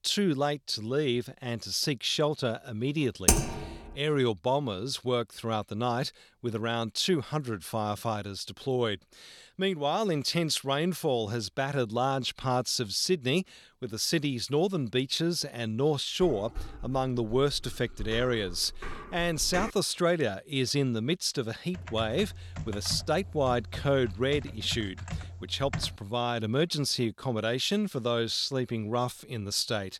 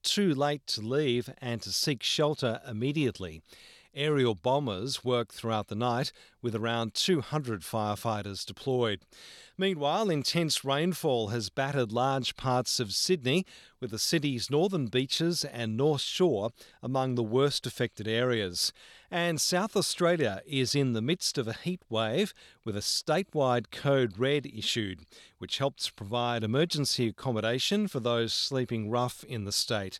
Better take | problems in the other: second | keyboard typing; loud; at 3.5 s; peak 6 dB above the speech // clattering dishes; noticeable; from 16 to 20 s; peak 7 dB below the speech // keyboard typing; noticeable; from 22 to 26 s; peak 8 dB below the speech

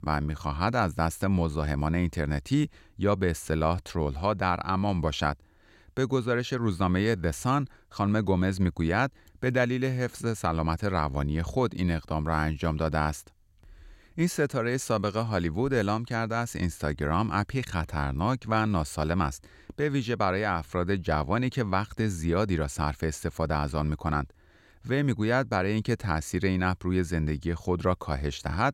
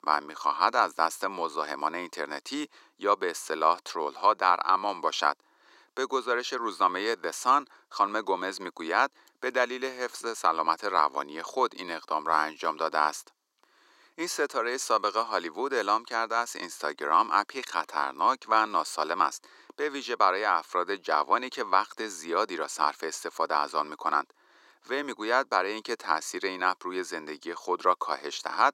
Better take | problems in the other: first | thin; very; fading below 300 Hz

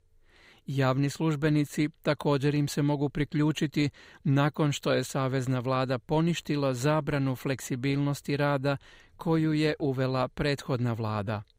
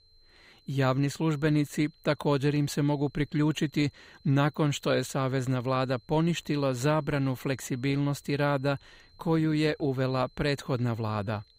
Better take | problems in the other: first | high-pitched whine; faint; throughout; 4 kHz, 30 dB below the speech

